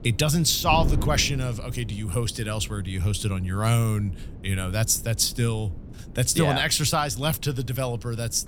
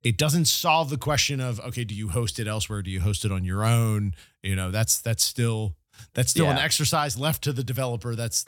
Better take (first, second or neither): second